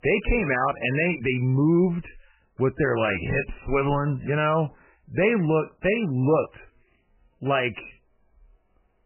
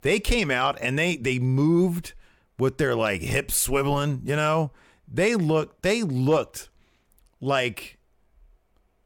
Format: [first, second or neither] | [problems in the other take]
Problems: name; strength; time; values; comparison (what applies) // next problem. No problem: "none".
second | garbled, watery; badly; nothing above 3 kHz